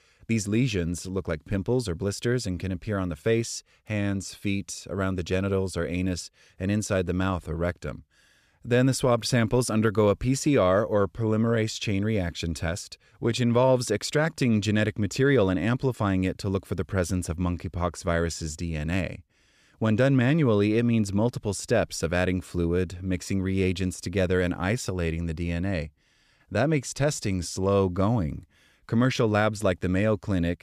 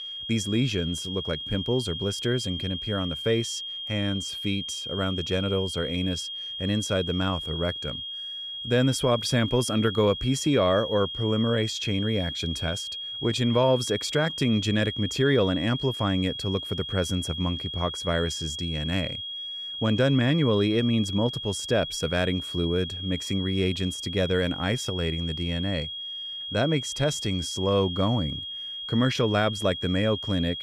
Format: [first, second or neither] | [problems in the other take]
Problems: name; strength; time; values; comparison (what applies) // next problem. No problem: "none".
first | high-pitched whine; loud; throughout; 3.5 kHz, 6 dB below the speech